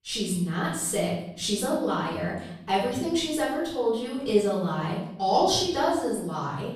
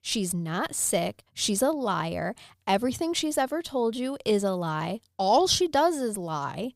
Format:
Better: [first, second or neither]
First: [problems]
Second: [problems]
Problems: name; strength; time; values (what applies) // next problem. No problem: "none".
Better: second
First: off-mic speech; far // room echo; noticeable; dies away in 0.8 s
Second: none